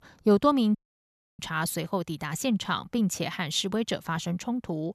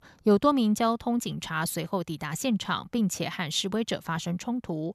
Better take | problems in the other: second | audio cutting out; at 1 s for 0.5 s

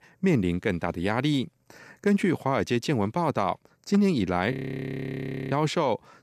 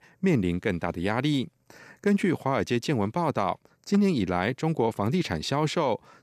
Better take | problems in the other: second | audio freezing; at 4.5 s for 1 s

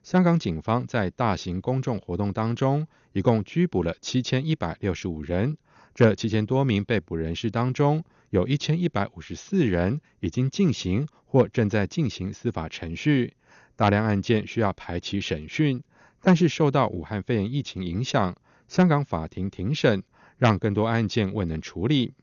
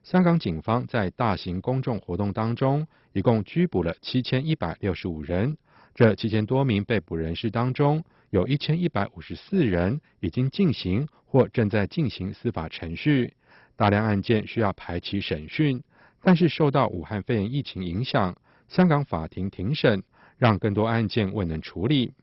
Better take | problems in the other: first | garbled, watery; badly; nothing above 5.5 kHz; slightly in the first

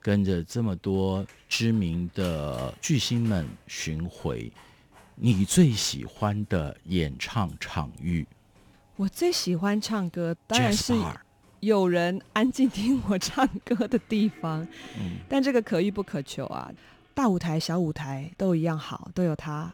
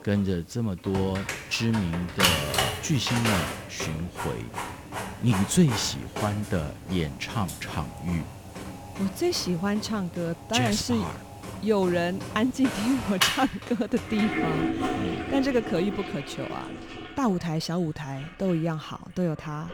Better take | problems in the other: first | household noises; loud; throughout; 4 dB below the speech; faint in the first

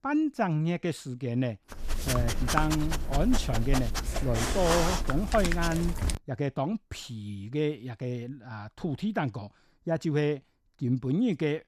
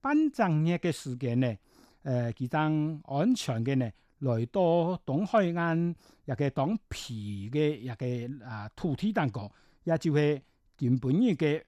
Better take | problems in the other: second | dog barking; loud; from 1.5 to 6 s; peak 2 dB above the speech

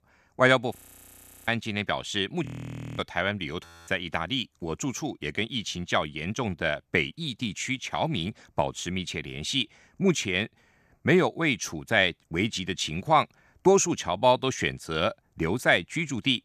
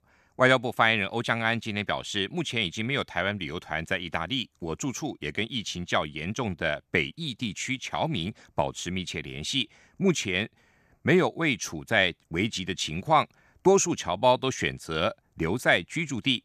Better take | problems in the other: second | audio freezing; at 1 s for 0.5 s, at 2.5 s for 0.5 s and at 3.5 s

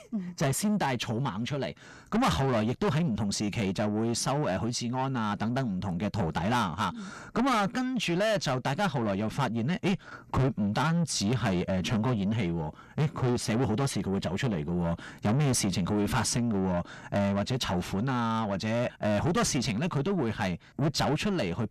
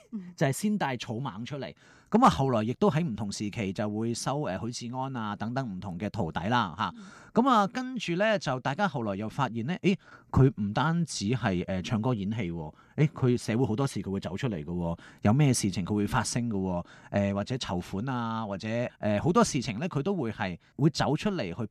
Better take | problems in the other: second | distortion; heavy; 6 dB below the speech

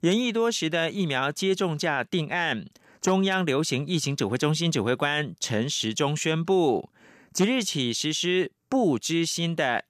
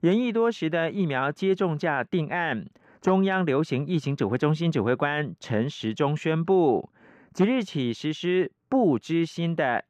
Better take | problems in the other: first | muffled; very; fading above 3.5 kHz

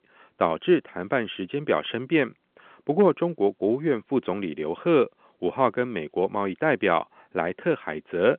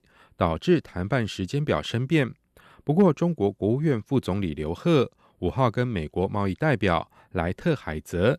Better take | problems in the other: second | phone-call audio; nothing above 3.5 kHz

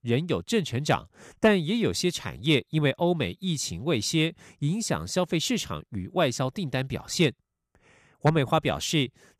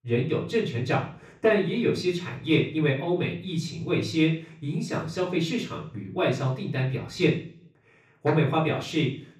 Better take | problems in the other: first | room echo; slight; dies away in 0.5 s // off-mic speech; far

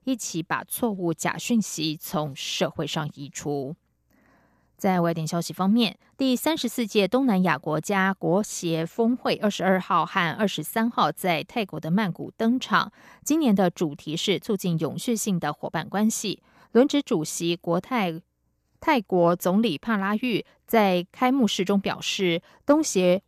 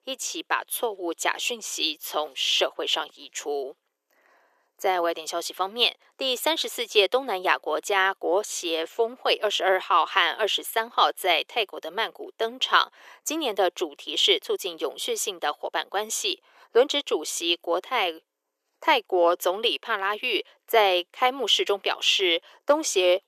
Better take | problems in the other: first | thin; very; fading below 400 Hz

